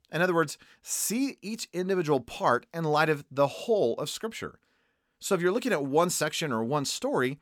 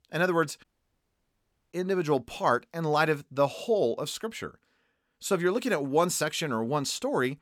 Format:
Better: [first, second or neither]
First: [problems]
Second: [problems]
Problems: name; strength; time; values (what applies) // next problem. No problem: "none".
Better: first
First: none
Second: audio cutting out; at 0.5 s for 1 s